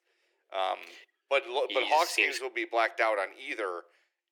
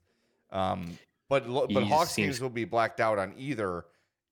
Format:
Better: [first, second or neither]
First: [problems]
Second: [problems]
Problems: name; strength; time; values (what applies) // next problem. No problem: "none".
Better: second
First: thin; very; fading below 350 Hz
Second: none